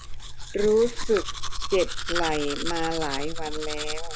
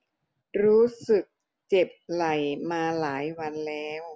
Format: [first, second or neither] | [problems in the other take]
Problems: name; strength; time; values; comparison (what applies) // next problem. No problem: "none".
second | background sound (Domestic sounds, home sounds); 1 dB below the speech